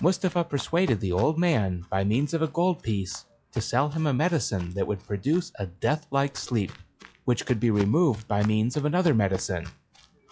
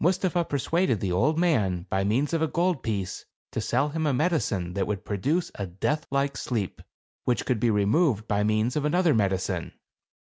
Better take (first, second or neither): second